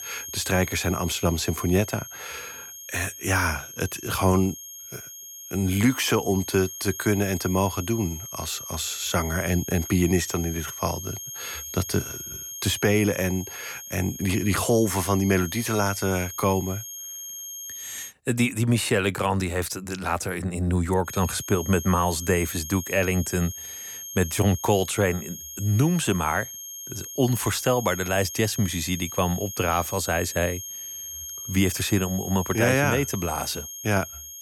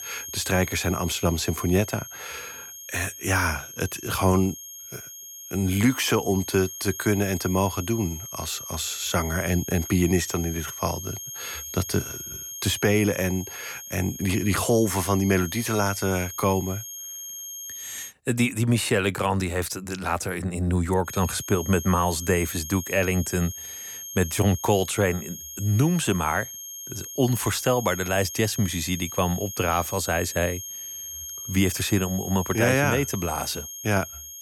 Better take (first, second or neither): neither